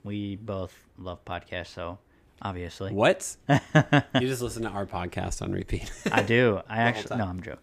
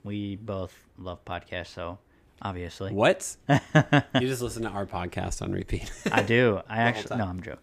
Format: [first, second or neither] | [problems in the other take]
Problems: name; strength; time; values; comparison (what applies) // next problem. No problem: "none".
neither | none